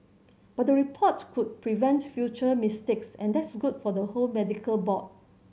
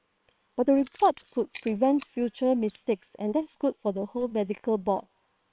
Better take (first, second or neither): first